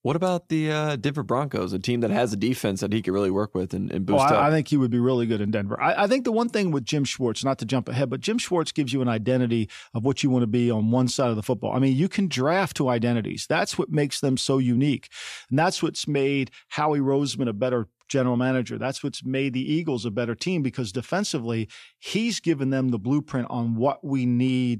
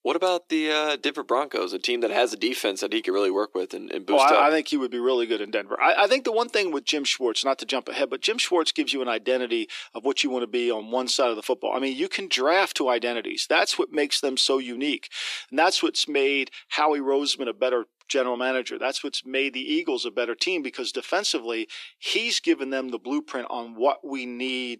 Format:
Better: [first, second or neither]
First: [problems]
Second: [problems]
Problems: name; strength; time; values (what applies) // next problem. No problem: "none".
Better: first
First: none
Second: thin; somewhat; fading below 300 Hz